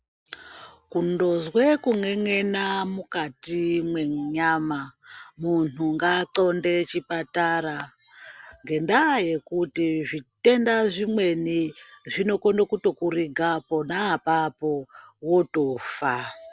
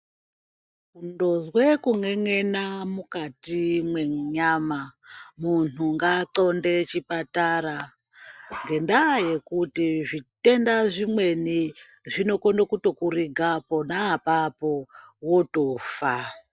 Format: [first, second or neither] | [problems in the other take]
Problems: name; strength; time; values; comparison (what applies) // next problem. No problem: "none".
first | noise reduction (neural mask model DeepFilterNet 3)